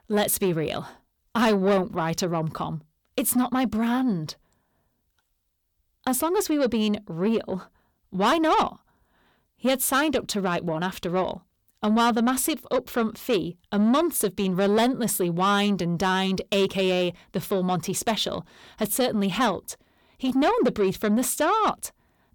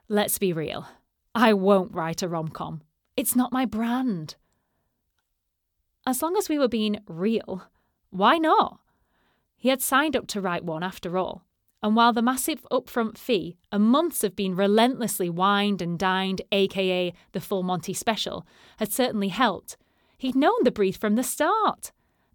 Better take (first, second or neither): second